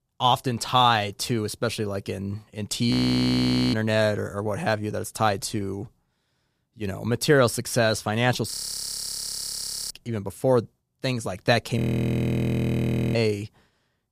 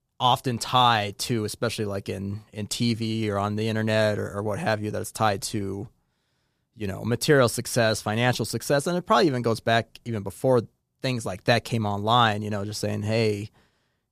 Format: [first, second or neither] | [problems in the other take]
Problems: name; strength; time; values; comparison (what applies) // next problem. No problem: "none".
second | audio freezing; at 3 s for 1 s, at 8.5 s for 1.5 s and at 12 s for 1.5 s